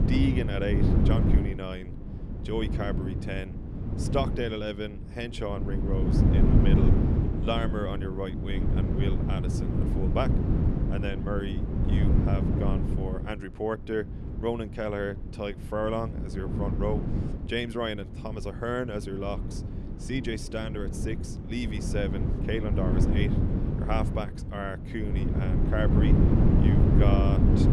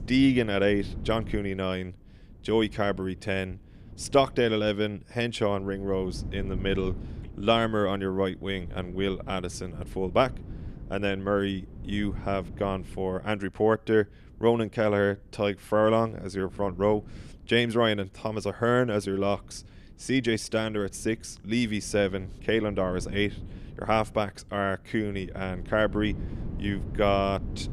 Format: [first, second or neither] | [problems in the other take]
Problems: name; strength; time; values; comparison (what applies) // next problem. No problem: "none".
second | wind noise on the microphone; heavy; 2 dB below the speech; occasional gusts in the second